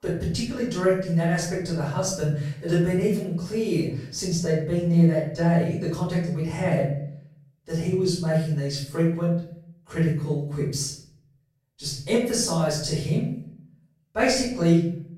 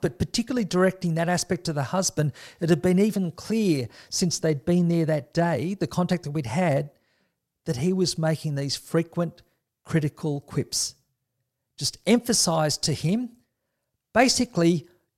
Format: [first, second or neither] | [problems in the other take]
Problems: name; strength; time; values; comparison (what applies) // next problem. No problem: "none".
second | off-mic speech; far // room echo; noticeable; dies away in 0.6 s